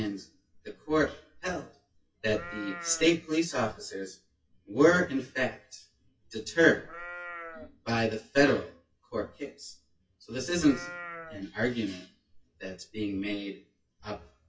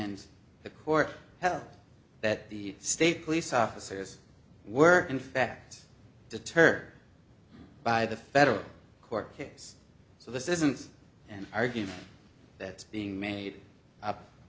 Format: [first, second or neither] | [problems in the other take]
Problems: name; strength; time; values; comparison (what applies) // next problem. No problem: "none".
second | noise reduction (classical method WPE with log-MMSE)